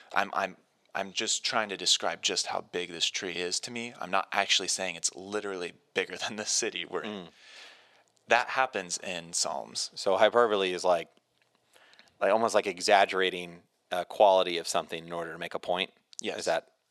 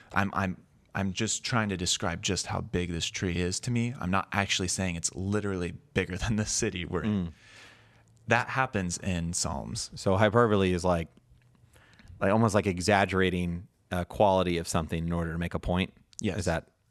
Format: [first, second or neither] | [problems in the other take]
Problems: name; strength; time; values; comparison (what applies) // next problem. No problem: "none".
second | thin; very; fading below 450 Hz